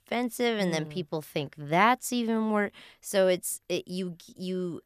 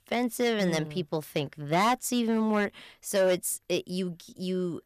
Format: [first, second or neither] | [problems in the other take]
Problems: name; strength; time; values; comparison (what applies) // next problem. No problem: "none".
first | distortion; slight; 4% of the sound clipped